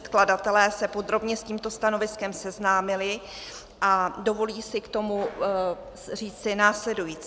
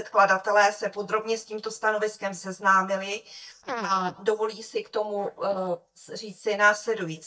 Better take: first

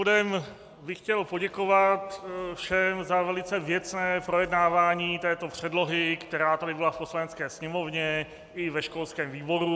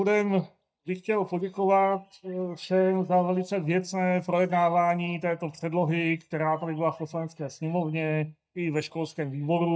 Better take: first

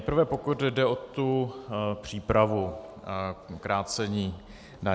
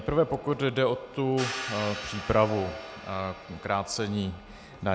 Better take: first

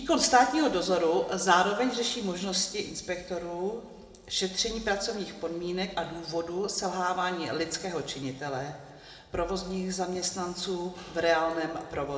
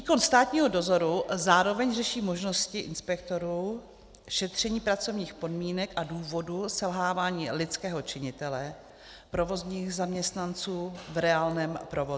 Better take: second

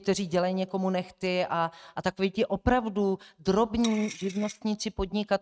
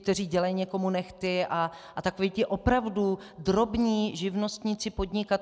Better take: second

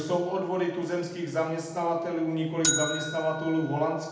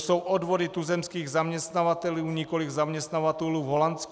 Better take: second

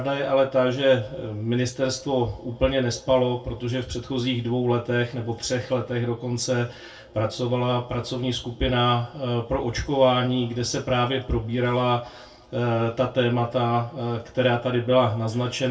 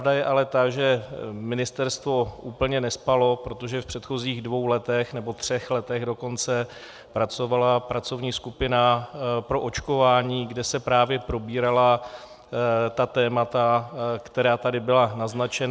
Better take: second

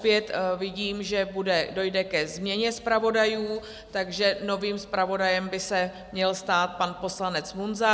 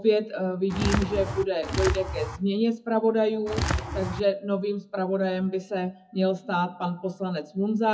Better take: first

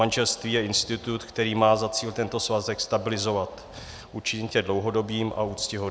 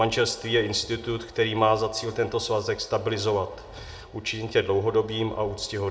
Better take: first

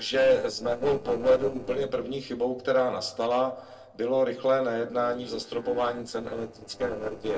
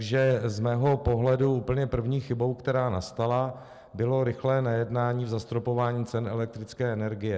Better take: second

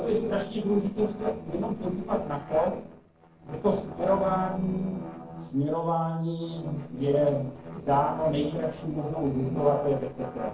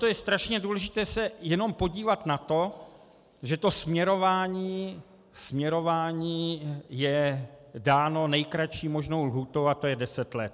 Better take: second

